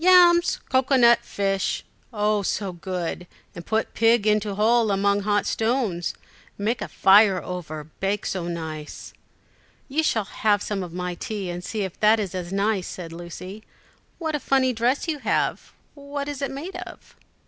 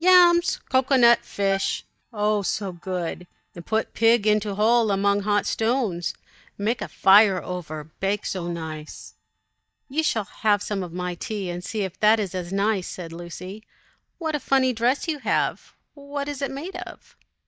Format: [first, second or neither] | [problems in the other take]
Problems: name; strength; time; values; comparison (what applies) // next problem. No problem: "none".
first | noise reduction (neural mask model DeepFilterNet 3)